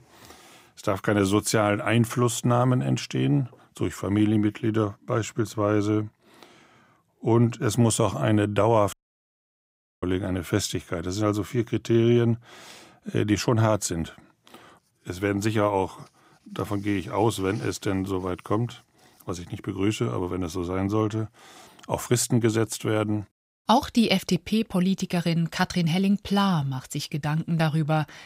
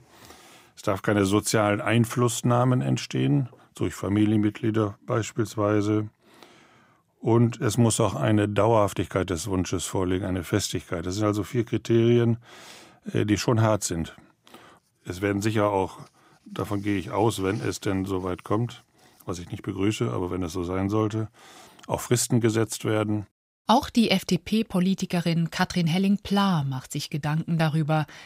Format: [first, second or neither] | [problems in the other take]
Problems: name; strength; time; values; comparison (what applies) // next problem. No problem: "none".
second | audio cutting out; at 9 s for 1 s